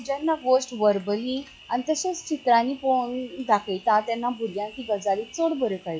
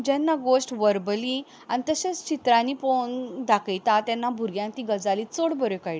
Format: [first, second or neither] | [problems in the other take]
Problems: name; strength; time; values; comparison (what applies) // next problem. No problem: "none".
second | noise reduction (classical method log-MMSE)